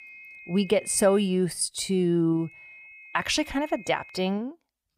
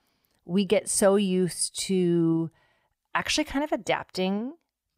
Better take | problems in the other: second | high-pitched whine; noticeable; until 1 s and from 2.5 to 4.5 s; 2.5 kHz, 20 dB below the speech

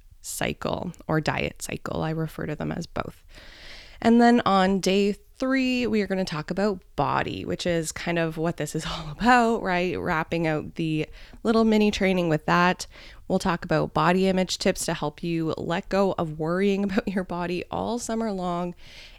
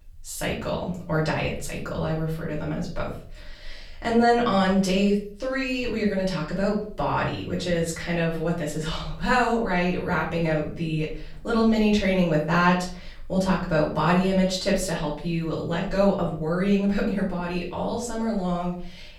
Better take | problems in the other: first | room echo; slight; dies away in 0.5 s // off-mic speech; far

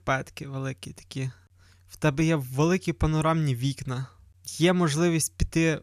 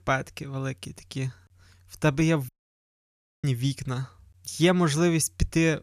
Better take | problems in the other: first | audio cutting out; at 2.5 s for 1 s

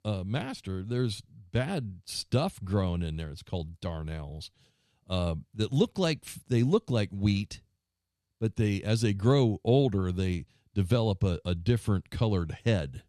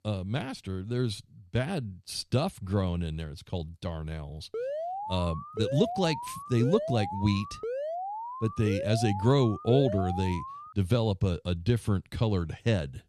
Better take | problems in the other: first | alarm; noticeable; from 4.5 to 11 s; peak 4 dB below the speech

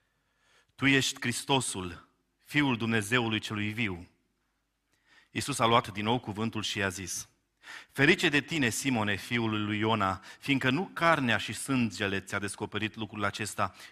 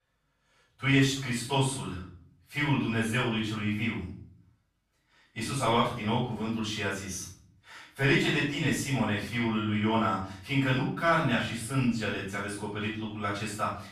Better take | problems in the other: first | off-mic speech; far // room echo; noticeable; dies away in 0.6 s

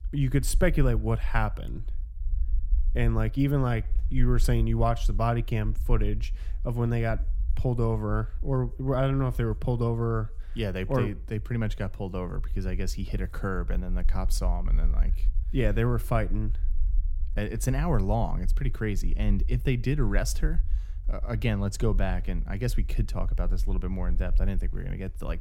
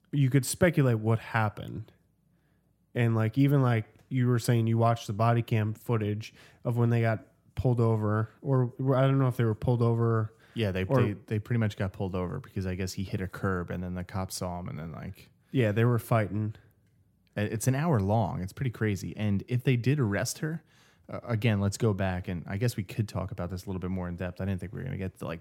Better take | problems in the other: second | low rumble; faint; throughout; 25 dB below the speech

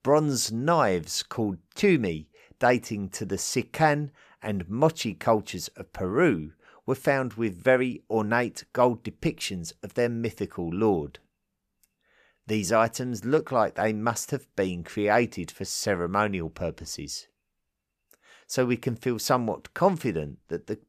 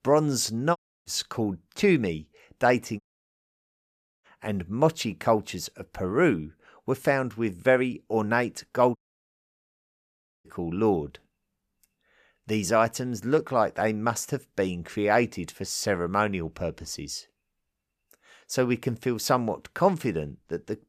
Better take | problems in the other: first | audio cutting out; at 1 s, at 3 s for 1 s and at 9 s for 1.5 s

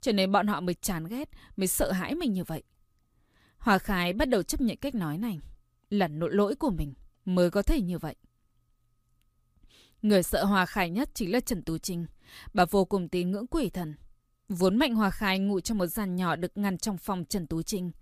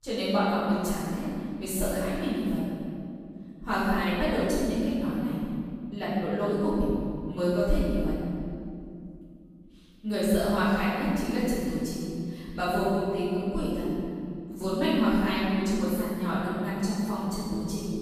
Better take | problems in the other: first | room echo; strong; dies away in 2.3 s // off-mic speech; far

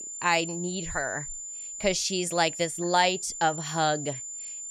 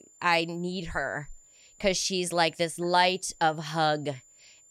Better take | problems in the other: second | high-pitched whine; loud; throughout; 7 kHz, 8 dB below the speech; faint in the second

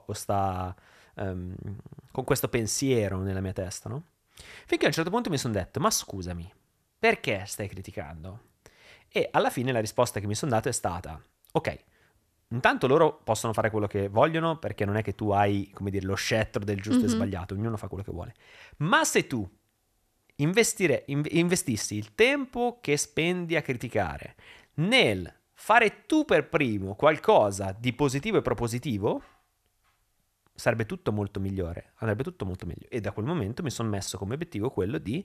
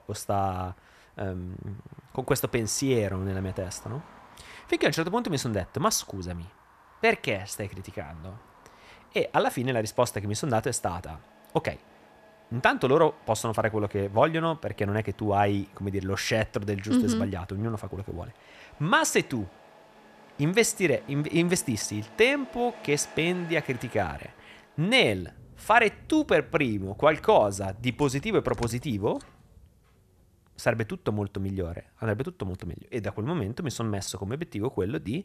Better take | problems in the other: first | traffic noise; faint; throughout; 25 dB below the speech

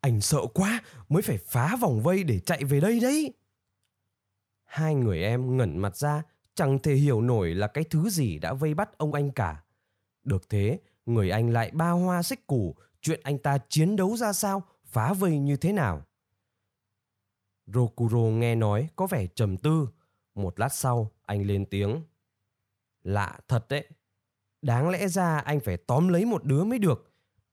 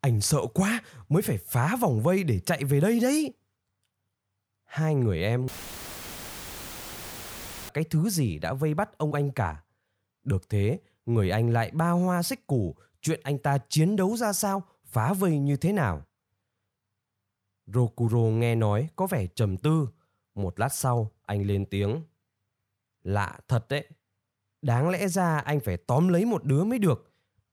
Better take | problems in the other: first | audio cutting out; filled with static; at 5.5 s for 2 s

